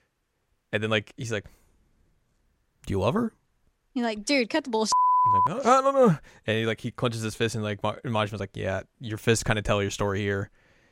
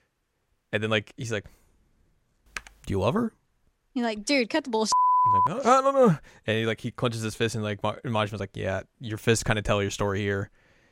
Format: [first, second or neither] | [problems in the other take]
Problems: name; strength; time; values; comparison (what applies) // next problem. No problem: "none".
first | keyboard typing; faint; at 2.5 s; peak 15 dB below the speech